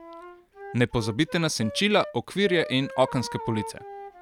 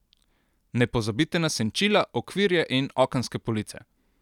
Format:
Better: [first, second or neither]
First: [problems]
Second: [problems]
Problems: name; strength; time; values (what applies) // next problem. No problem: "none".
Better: second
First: background sound (Wind instrument, woodwind instrument); 14 dB below the speech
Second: none